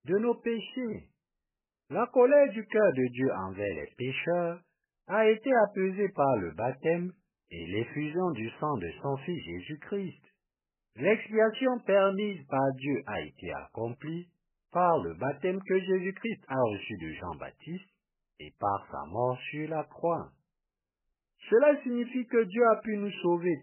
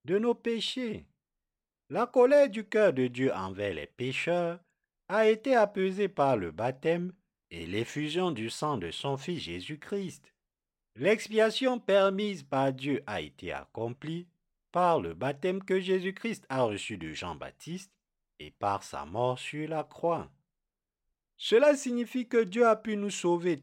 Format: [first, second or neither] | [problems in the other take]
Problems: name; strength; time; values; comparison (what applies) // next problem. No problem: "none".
second | garbled, watery; badly; nothing above 3 kHz